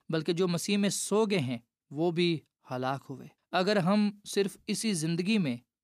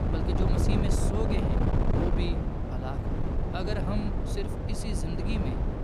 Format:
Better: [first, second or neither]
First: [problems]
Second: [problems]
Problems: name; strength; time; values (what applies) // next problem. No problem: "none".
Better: first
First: none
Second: wind noise on the microphone; heavy; 3 dB above the speech